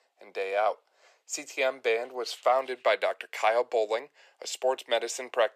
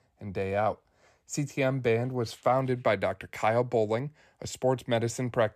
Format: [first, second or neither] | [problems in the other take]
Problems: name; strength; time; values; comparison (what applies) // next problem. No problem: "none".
second | thin; very; fading below 450 Hz